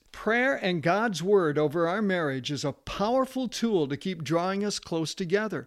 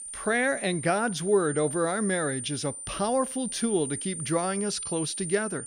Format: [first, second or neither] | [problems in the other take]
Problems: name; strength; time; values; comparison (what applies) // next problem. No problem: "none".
first | high-pitched whine; loud; throughout; 9 kHz, 6 dB below the speech